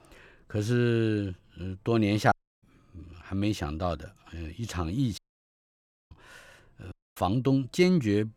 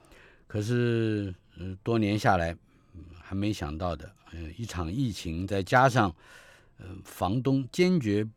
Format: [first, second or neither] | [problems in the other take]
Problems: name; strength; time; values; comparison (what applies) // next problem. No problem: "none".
second | audio cutting out; at 2.5 s, at 5 s for 1 s and at 7 s